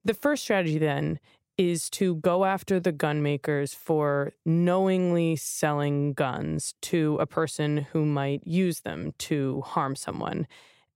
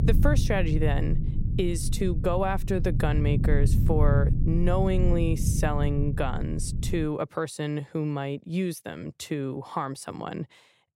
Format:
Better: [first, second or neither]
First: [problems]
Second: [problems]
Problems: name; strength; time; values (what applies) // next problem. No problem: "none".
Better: first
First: none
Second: low rumble; loud; until 7 s; 9 dB below the speech